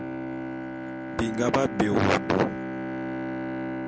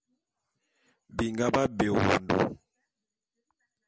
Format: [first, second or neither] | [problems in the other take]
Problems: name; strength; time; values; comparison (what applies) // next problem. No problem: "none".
second | background sound (Bowed string instrument); 4 dB below the speech